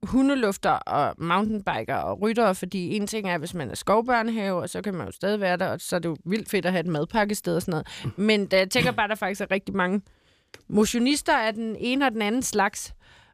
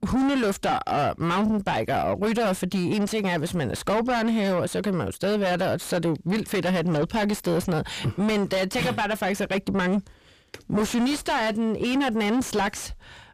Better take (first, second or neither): first